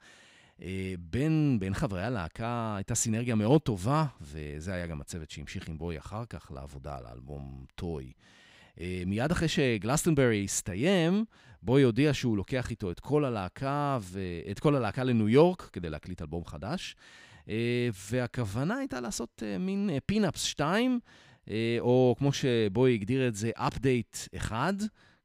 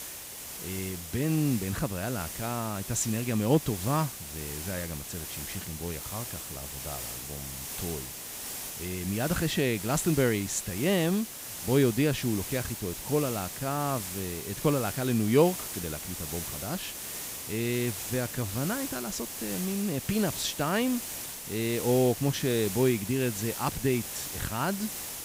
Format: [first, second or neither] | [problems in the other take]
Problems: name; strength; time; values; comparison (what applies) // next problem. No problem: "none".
first | hiss; loud; throughout; 6 dB below the speech